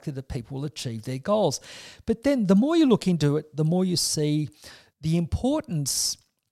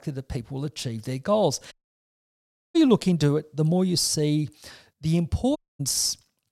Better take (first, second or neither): first